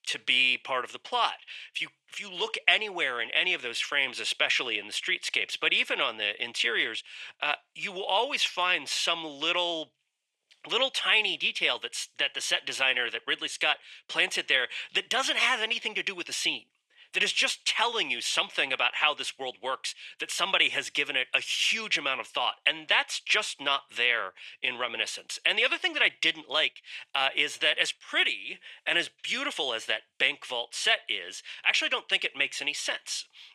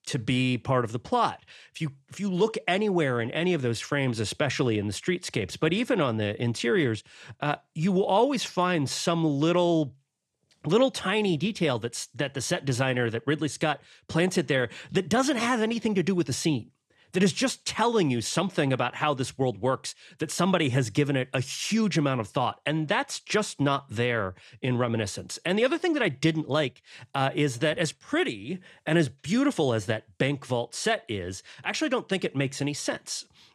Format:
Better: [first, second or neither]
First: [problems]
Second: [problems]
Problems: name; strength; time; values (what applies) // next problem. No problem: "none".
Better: second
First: thin; very; fading below 700 Hz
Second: none